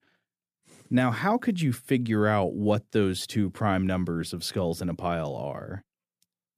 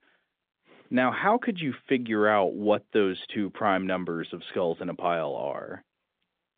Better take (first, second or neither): first